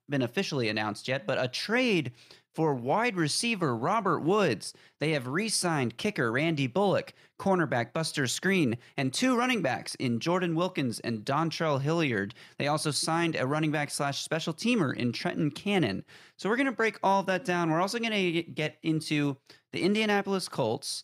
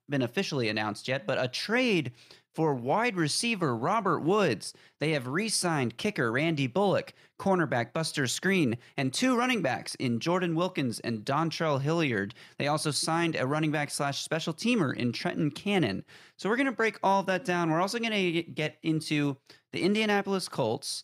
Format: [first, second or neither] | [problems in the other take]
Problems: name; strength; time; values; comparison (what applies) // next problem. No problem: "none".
neither | none